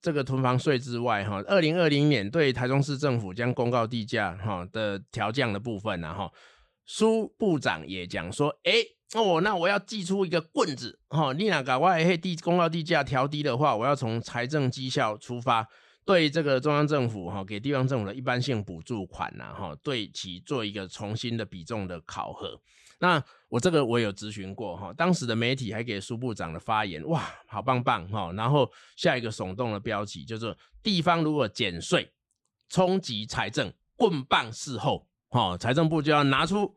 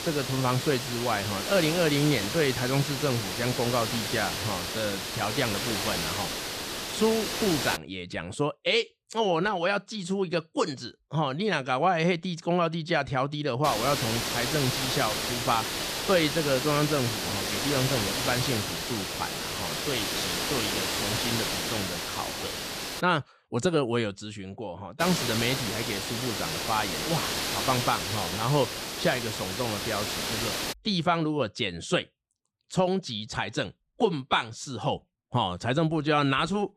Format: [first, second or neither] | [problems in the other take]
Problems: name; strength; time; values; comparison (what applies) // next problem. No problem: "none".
first | hiss; loud; until 8 s, from 14 to 23 s and from 25 to 31 s; 1 dB below the speech